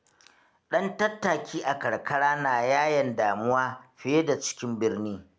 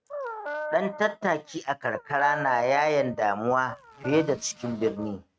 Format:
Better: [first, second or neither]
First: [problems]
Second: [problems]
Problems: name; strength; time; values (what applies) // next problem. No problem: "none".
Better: first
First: none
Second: noise reduction (neural mask model RNNoise)